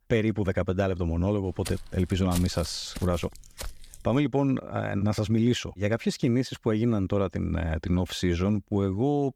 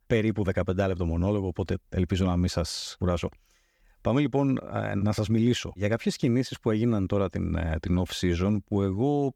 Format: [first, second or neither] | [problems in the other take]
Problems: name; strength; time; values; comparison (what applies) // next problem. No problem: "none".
second | footsteps; noticeable; from 1.5 to 4 s; peak 10 dB below the speech